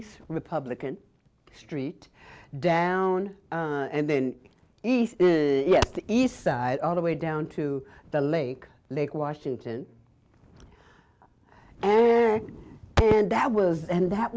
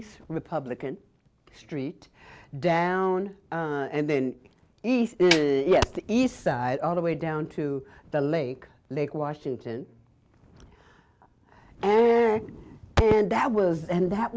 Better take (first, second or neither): first